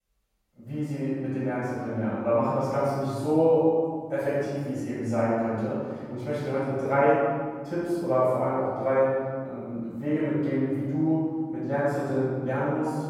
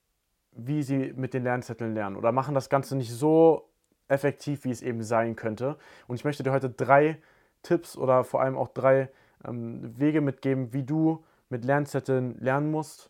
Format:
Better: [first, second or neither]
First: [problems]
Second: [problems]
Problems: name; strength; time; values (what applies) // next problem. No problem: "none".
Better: second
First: off-mic speech; far // room echo; strong; dies away in 1.8 s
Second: none